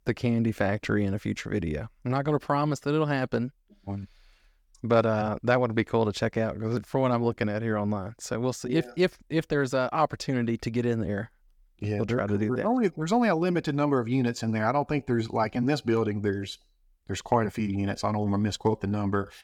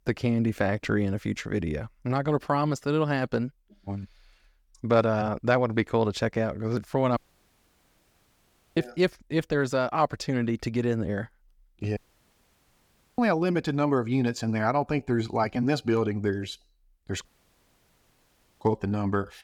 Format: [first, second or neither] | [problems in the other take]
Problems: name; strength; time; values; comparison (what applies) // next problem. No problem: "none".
first | audio cutting out; at 7 s for 1.5 s, at 12 s for 1 s and at 17 s for 1.5 s